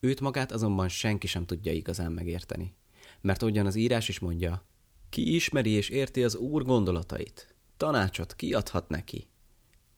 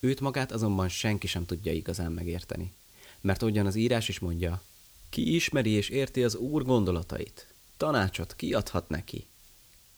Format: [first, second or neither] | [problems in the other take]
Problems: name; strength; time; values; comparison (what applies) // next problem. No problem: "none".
first | hiss; faint; throughout; 25 dB below the speech